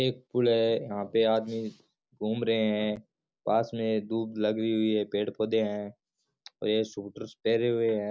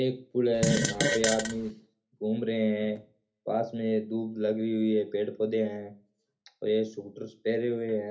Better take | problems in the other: first | background sound (Fart); 1 dB above the speech // room echo; dies away in 0.3 s

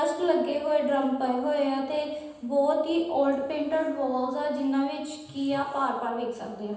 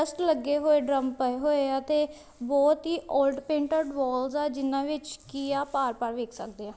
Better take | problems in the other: second | room echo; dies away in 0.9 s

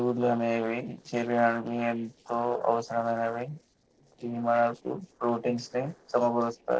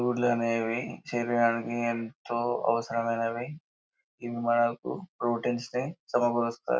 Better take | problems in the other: second | noise reduction (neural separator model SepFormer DNS4)

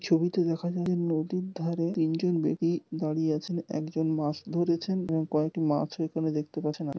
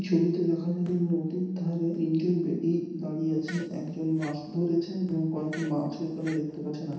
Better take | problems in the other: first | background sound (Fart); 19 dB below the speech // room echo; dies away in 0.9 s

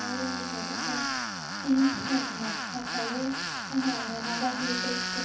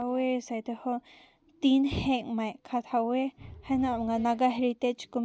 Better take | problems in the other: second | background sound (Tools); 1 dB below the speech // room echo; dies away in 0.7 s

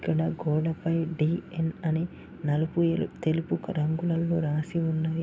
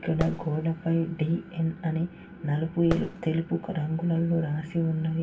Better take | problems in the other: first | background sound (Fireworks); 14 dB below the speech // room echo; dies away in 0.2 s

